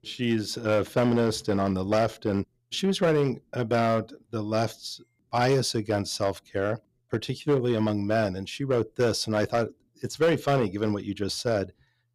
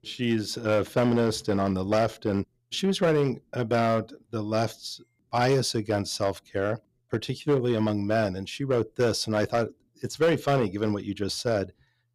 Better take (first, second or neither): neither